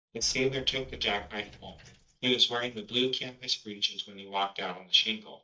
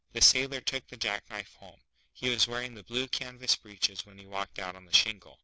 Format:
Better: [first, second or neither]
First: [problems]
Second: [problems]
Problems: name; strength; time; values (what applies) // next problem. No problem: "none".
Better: second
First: noise reduction (neural mask model DeepFilterNet 3)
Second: none